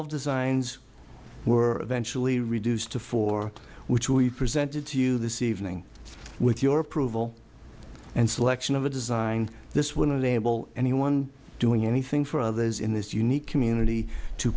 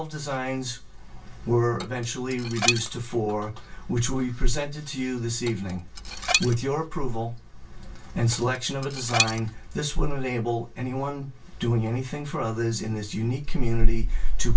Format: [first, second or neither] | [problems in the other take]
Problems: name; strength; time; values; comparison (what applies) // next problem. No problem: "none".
first | background sound (Dishes, pots, and pans); 7 dB below the speech // room echo; dies away in 0.2 s